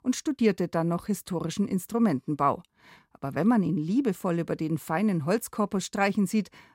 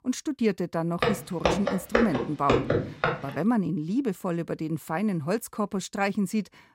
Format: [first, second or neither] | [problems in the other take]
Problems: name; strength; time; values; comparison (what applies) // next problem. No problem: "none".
first | footsteps; loud; from 1 to 3 s; peak 4 dB above the speech